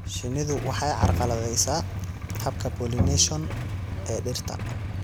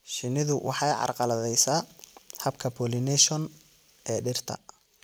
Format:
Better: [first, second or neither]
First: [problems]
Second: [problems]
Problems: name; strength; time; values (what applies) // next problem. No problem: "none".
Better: second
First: background sound (Bowed string instrument + Idling / Engine starting / Motorcycle / Accelerating, revving, vroom); as loud as the speech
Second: none